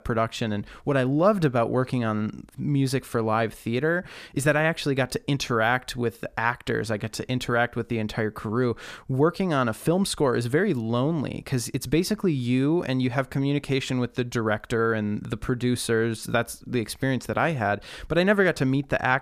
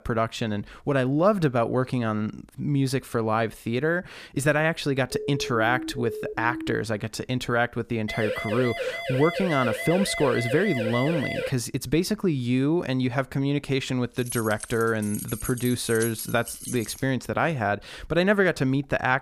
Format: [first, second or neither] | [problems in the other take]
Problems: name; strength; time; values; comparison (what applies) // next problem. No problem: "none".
first | siren; noticeable; from 5 to 7 s and from 8 to 12 s; peak 3 dB below the speech // jangling keys; noticeable; from 14 to 17 s; peak 7 dB below the speech